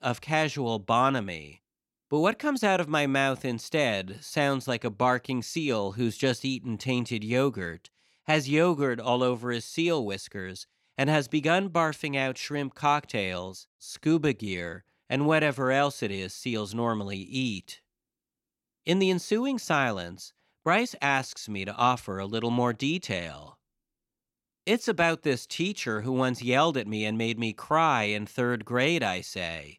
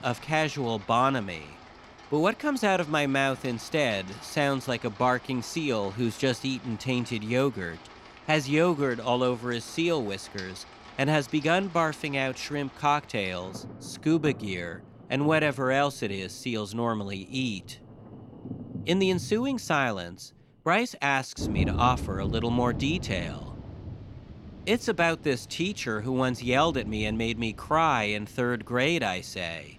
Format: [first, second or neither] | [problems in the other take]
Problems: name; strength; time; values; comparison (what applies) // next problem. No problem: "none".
first | rain or running water; noticeable; throughout; 15 dB below the speech